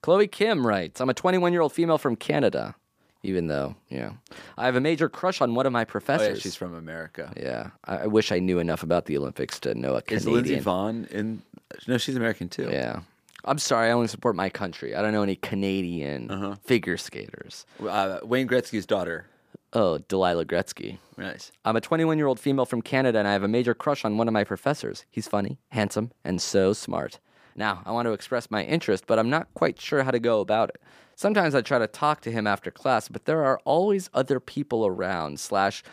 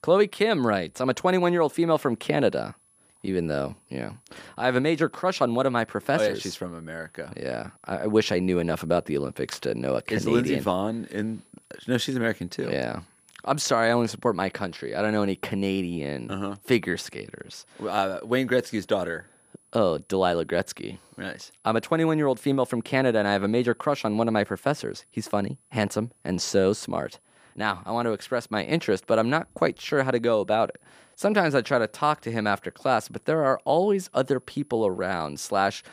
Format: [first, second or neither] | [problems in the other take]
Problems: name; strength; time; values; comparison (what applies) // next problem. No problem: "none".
first | high-pitched whine; faint; throughout; 10.5 kHz, 35 dB below the speech